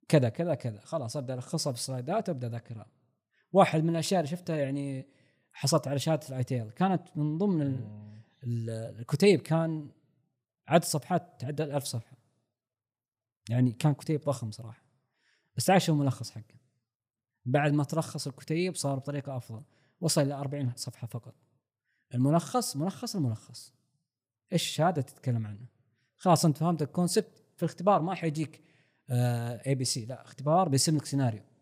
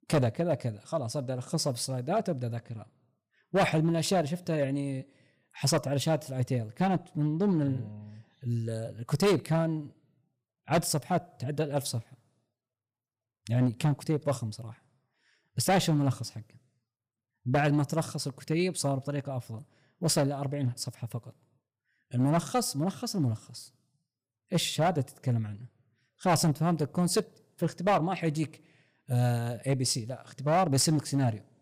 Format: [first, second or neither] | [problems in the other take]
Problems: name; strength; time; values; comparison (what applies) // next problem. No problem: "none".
first | distortion; slight; 4% of the sound clipped